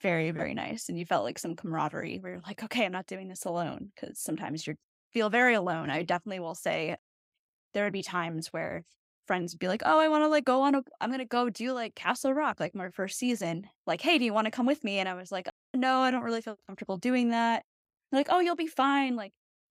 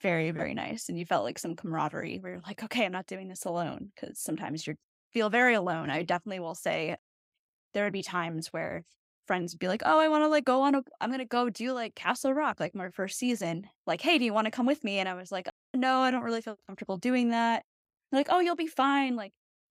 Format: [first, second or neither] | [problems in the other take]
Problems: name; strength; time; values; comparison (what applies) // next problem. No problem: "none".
neither | none